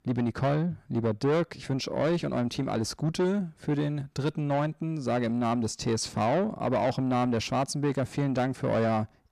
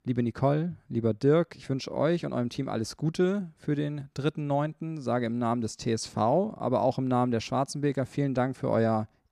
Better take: second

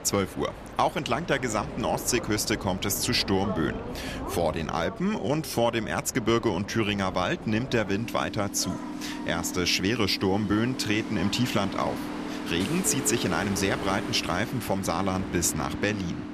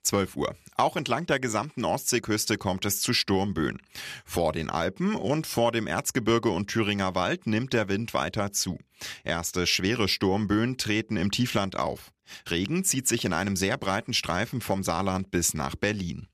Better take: second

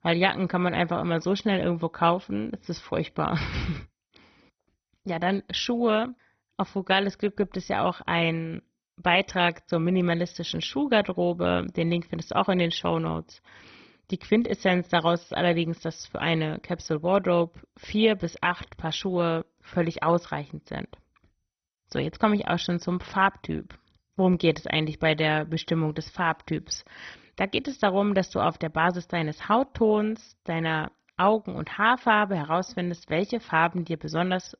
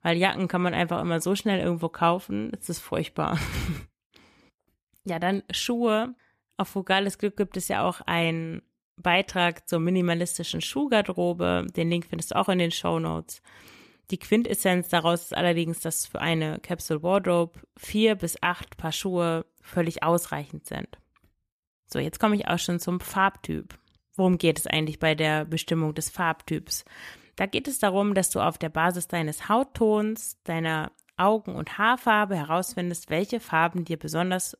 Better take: second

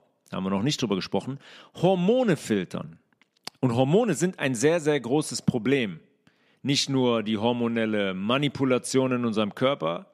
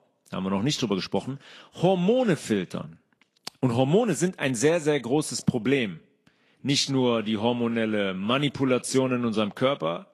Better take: first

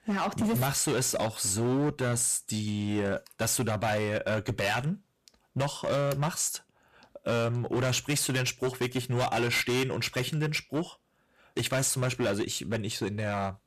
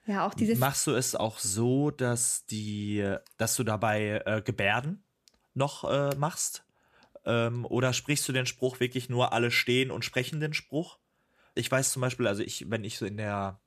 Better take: second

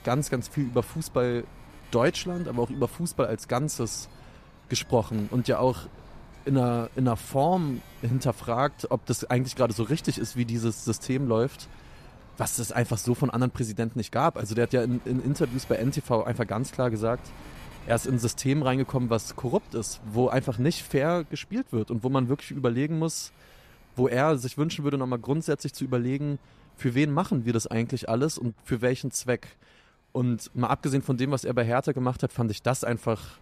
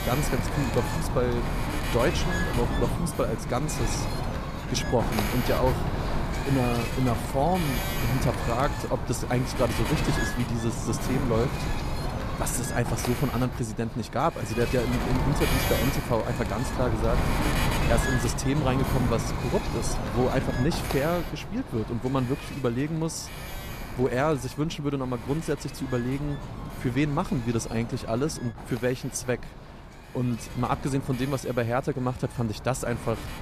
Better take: first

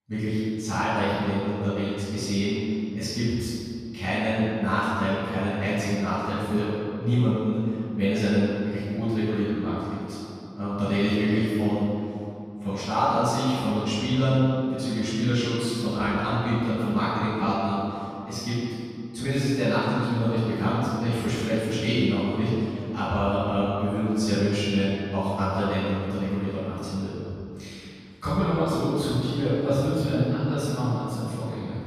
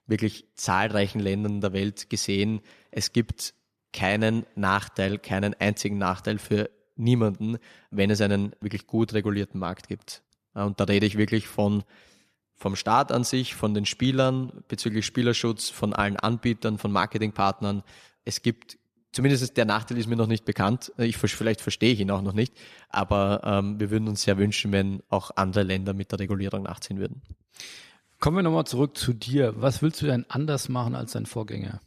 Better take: second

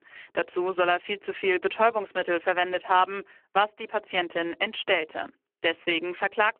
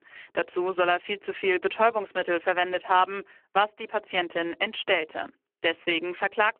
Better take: neither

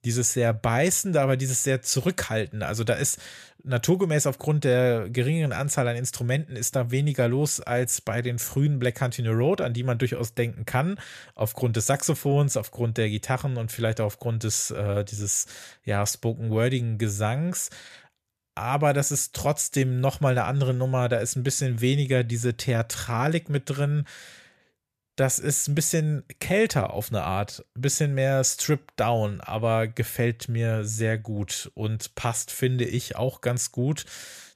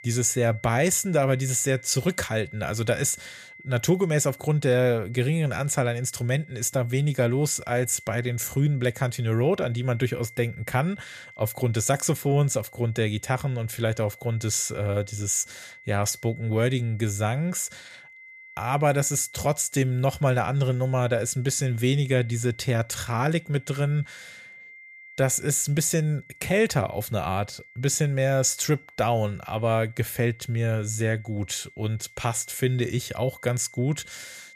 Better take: first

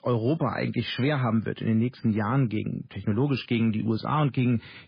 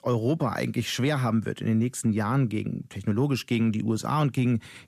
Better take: second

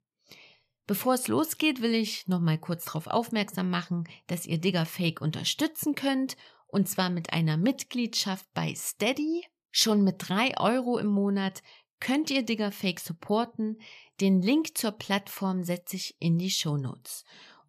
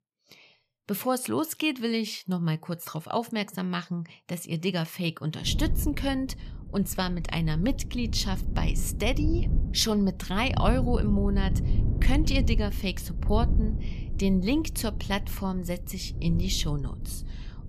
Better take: first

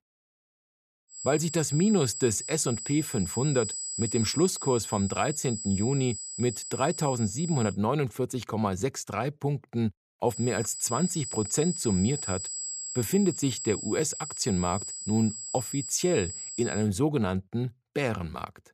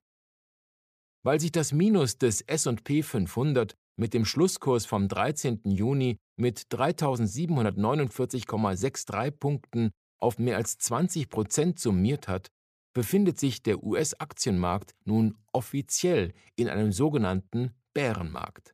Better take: second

